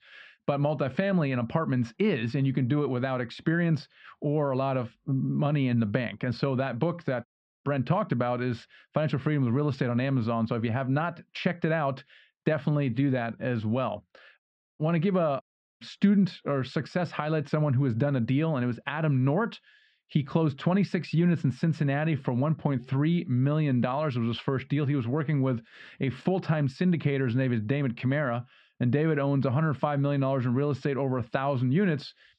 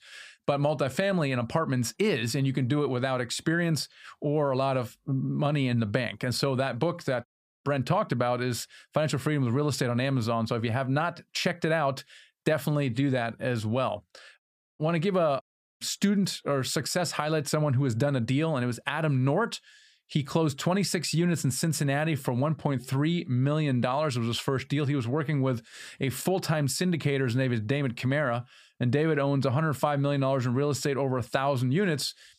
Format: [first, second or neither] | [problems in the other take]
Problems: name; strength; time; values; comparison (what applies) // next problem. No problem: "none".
second | muffled; slightly; fading above 3 kHz